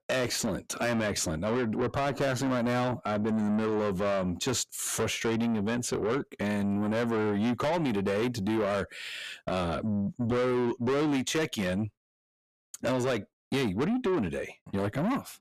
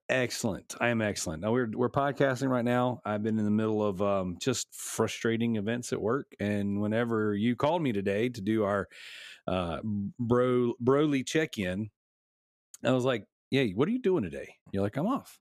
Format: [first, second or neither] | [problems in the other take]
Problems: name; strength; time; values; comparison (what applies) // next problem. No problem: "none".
second | distortion; heavy; 6 dB below the speech